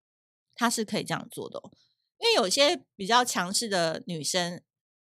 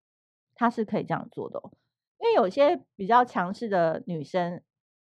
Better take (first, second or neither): first